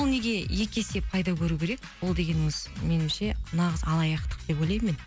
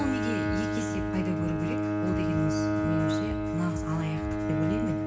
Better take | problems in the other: first | background sound (Bowed string instrument); 3 dB above the speech // room echo; dies away in 0.8 s

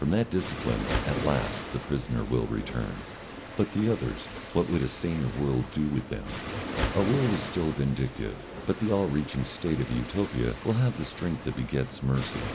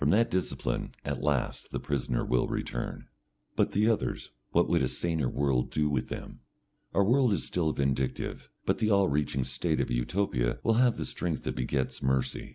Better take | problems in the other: second | background sound (Waves, surf); 8 dB below the speech

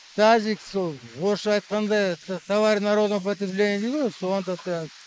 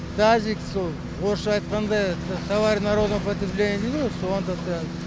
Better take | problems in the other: second | noise reduction (neural mask model Resemble Enhance denoiser)

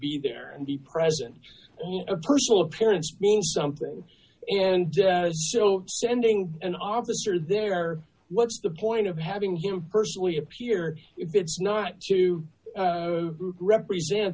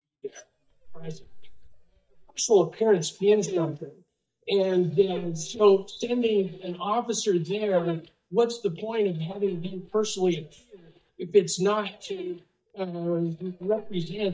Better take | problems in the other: first | noise reduction (neural mask model DeepFilterNet 3)

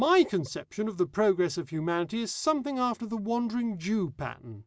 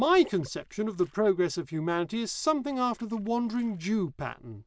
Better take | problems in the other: first | noise reduction (neural diffusion model UNIVERSE++)

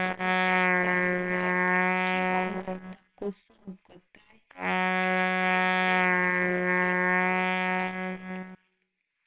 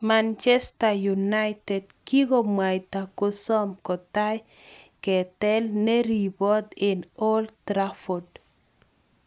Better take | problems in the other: second | noise reduction (neural separator model SepFormer WHAMR!)

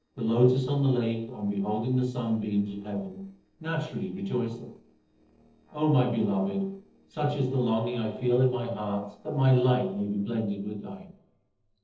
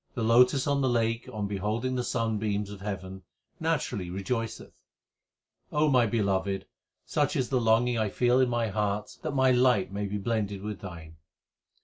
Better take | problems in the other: second | noise reduction (neural separator model SepFormer DNS4)

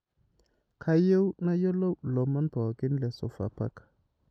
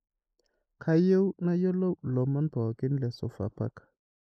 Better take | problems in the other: first | noise reduction (neural mask model Resemble Enhance denoiser)

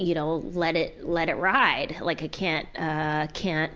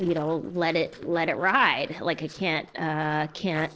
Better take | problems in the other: first | noise reduction (neural separator model SepFormer DNS4)

